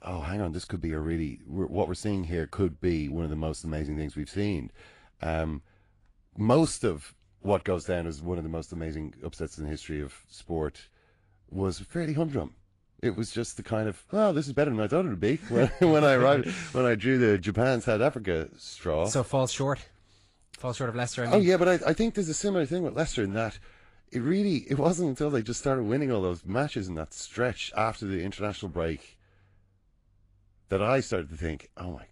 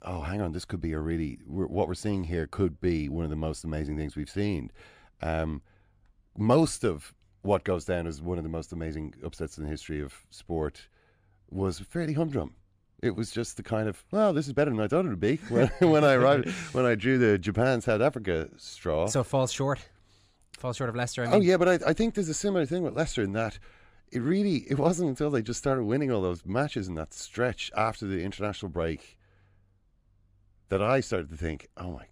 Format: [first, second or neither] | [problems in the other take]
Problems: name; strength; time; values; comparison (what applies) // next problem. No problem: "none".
second | garbled, watery; slightly